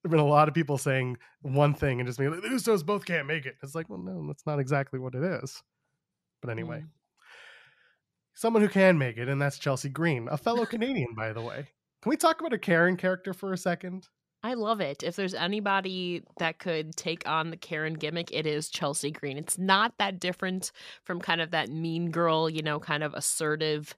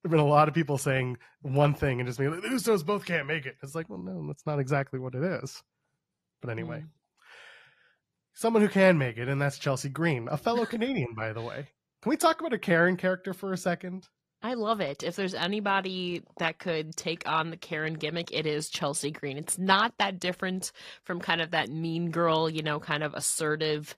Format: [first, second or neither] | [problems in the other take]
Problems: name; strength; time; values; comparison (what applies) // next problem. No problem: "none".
first | garbled, watery; slightly